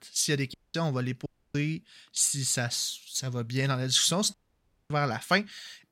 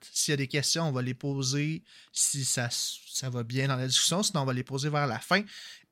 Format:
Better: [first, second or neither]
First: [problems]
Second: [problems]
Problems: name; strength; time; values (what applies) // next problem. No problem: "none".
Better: second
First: audio cutting out; at 0.5 s, at 1.5 s and at 4.5 s for 0.5 s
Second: none